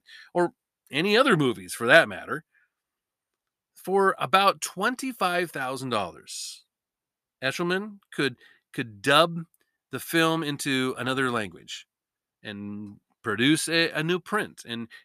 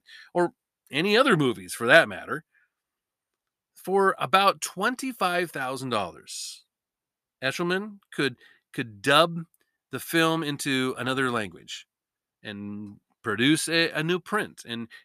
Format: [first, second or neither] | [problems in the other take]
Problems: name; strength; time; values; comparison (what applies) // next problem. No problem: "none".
neither | none